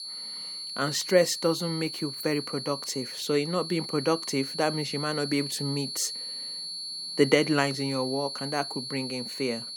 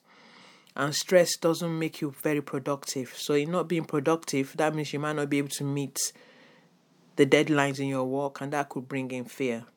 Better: second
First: high-pitched whine; loud; throughout; 4.5 kHz, 6 dB below the speech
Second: none

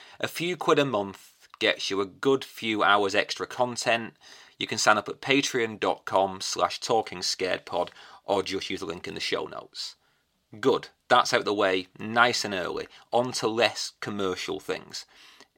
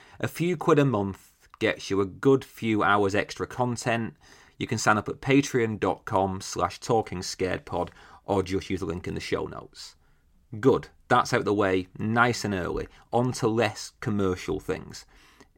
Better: second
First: thin; somewhat; fading below 500 Hz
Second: none

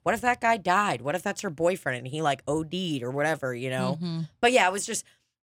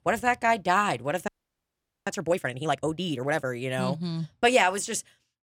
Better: first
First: none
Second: audio freezing; at 1.5 s for 1 s

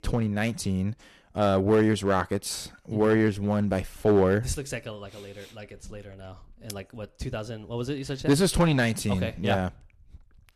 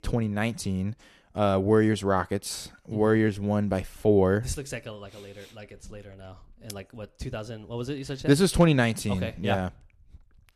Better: second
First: distortion; slight; 3% of the sound clipped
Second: none

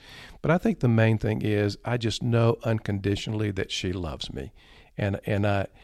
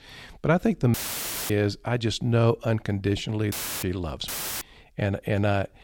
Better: first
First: none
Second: audio cutting out; filled with static; at 1 s for 0.5 s, at 3.5 s and at 4.5 s

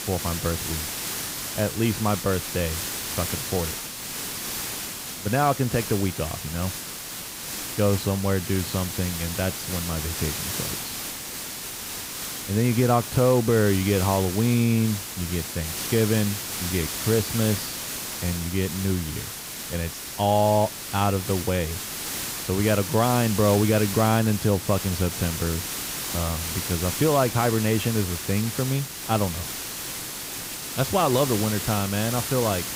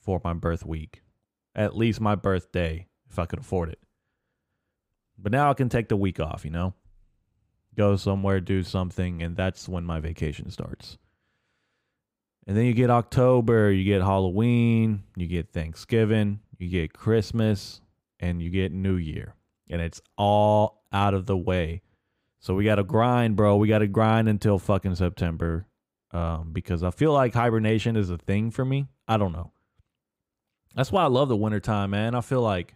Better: second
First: hiss; loud; throughout; 5 dB below the speech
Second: none

